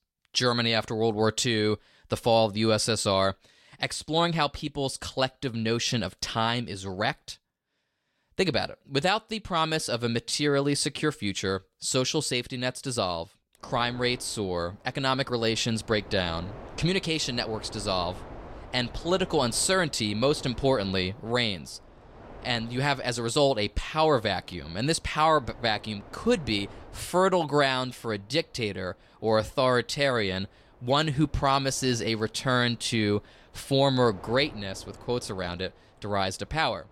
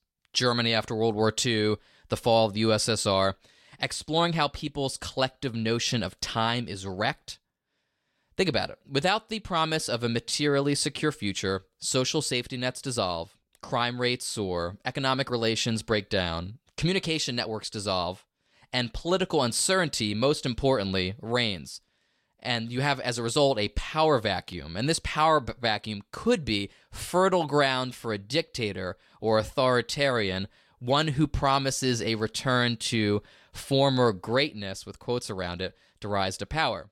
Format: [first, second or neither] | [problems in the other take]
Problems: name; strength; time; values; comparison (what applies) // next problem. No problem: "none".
second | wind noise on the microphone; occasional gusts; from 14 s on; 20 dB below the speech